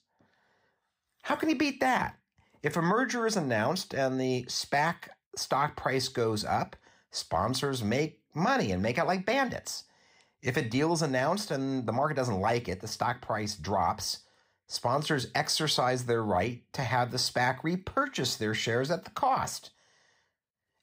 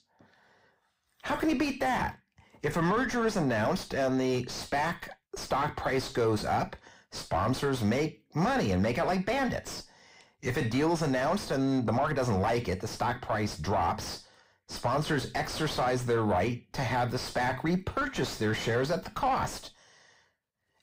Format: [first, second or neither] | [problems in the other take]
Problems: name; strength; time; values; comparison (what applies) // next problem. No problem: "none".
first | distortion; heavy; 4 dB below the speech